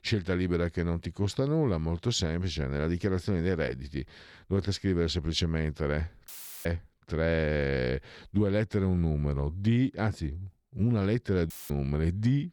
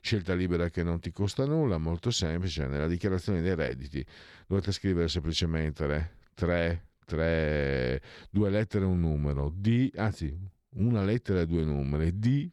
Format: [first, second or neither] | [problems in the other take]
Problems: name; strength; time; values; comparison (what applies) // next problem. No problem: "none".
second | audio cutting out; filled with static; at 6.5 s and at 12 s